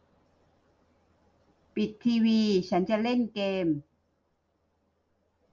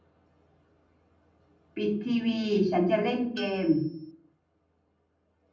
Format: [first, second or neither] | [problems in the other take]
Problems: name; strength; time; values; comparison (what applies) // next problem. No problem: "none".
first | background sound (Tools); 17 dB below the speech // room echo; dies away in 0.6 s